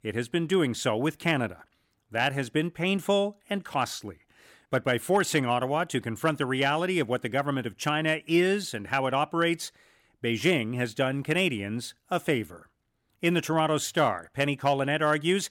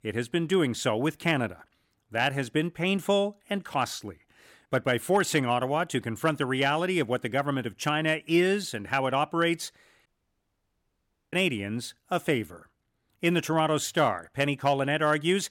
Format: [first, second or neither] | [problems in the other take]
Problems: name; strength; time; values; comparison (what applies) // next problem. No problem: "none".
first | audio cutting out; at 10 s for 1.5 s